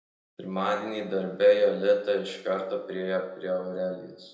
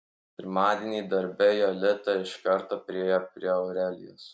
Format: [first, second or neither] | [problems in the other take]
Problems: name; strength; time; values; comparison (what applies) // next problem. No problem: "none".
second | room echo; dies away in 0.8 s